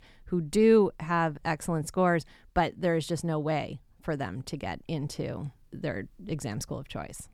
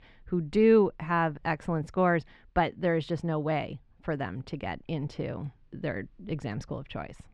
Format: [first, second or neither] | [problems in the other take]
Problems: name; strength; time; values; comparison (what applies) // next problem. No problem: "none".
first | muffled; slightly; fading above 3 kHz